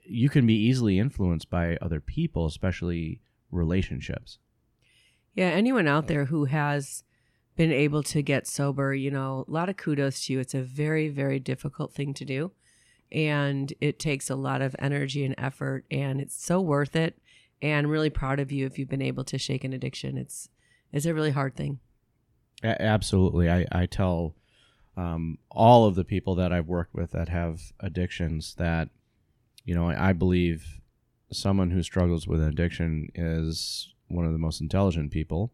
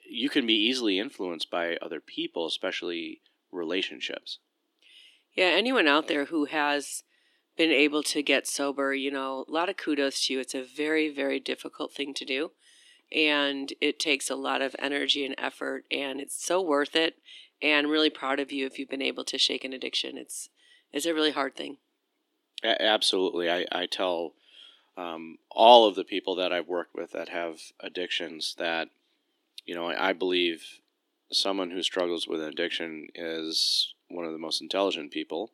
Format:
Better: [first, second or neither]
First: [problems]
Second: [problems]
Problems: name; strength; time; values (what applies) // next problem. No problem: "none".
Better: first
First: none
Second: thin; somewhat; fading below 300 Hz